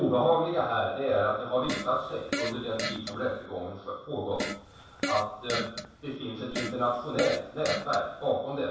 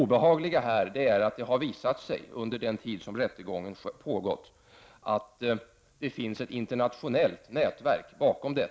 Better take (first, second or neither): second